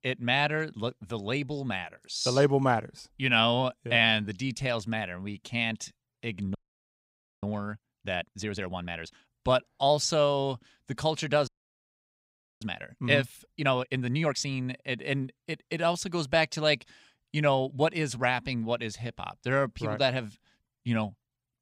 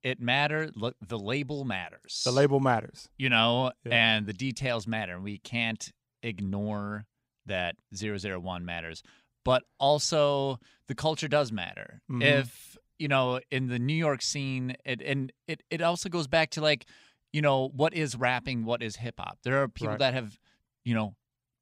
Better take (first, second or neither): second